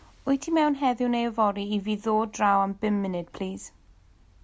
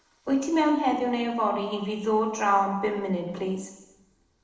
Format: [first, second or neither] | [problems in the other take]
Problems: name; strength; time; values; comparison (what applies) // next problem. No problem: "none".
first | noise reduction (neural separator model SepFormer DNS4)